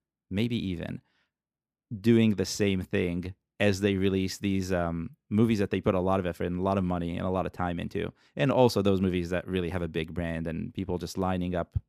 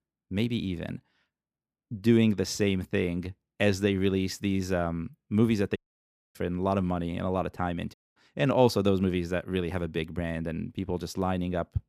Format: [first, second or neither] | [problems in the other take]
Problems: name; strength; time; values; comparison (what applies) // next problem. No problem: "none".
first | audio cutting out; at 6 s for 0.5 s and at 8 s